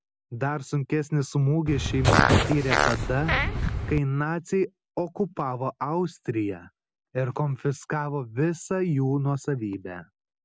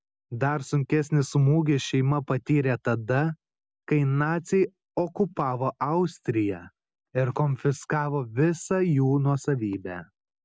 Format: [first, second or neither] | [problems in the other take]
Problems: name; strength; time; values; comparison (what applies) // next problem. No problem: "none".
second | background sound (Fart); 4 dB above the speech